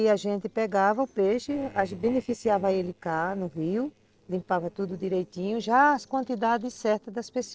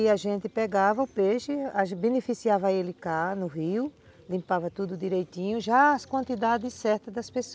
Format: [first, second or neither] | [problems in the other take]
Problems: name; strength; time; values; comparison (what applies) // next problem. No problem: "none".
second | noise reduction (neural separator model SepFormer DNS4)